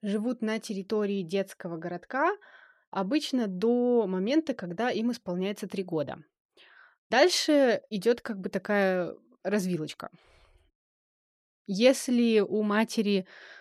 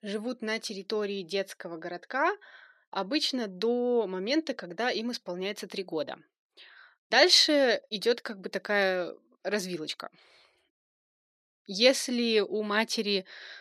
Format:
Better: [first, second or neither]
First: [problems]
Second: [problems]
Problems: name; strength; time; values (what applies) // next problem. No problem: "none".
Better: first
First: none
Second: thin; very slightly; fading below 300 Hz